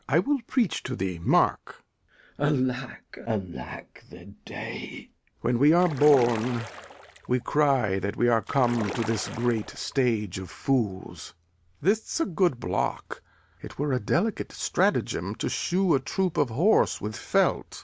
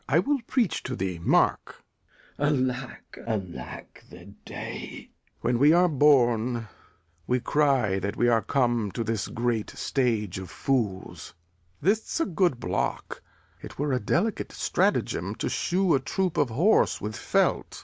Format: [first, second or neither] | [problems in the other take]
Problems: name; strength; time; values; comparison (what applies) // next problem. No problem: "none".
second | background sound (Splash, splatter); 12 dB below the speech